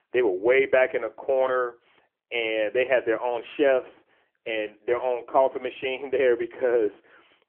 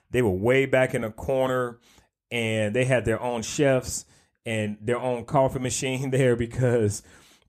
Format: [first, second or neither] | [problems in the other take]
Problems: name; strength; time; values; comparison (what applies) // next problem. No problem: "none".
second | phone-call audio; nothing above 3 kHz